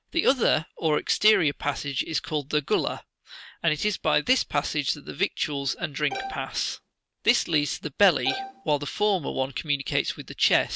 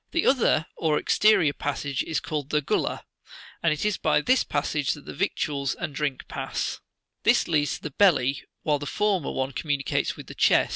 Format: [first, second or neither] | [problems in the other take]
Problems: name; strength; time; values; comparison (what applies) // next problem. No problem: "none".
second | background sound (Bowed string instrument); 10 dB below the speech